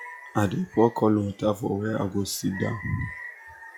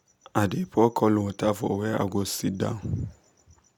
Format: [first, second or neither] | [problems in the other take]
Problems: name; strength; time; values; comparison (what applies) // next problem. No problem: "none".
second | noise reduction (classical method log-MMSE)